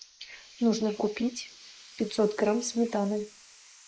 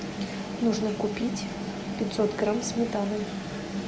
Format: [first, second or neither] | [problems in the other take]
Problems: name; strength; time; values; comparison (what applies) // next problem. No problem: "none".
second | noise reduction (neural mask model Resemble Enhance denoiser)